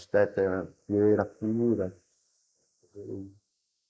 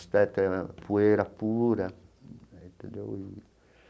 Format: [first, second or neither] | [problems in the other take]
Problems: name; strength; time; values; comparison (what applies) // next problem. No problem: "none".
second | noise reduction (neural mask model Resemble Enhance denoiser)